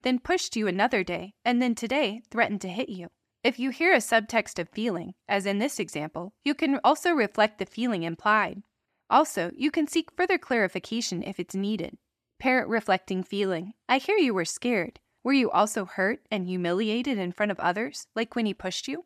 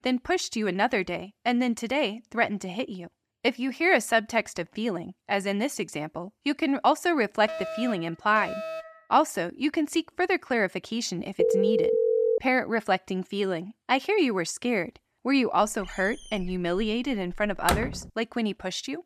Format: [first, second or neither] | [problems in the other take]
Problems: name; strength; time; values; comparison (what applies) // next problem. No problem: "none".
first | alarm; noticeable; from 7.5 to 9 s; peak 7 dB below the speech // phone ringing; loud; at 11 s; peak 4 dB above the speech // door banging; noticeable; from 16 to 18 s; peak 1 dB below the speech